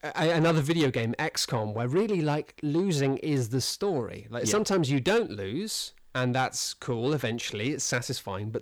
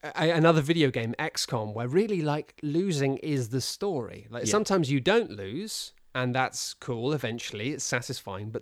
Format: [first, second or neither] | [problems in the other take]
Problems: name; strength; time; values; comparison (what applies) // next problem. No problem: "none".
second | distortion; slight; 10 dB below the speech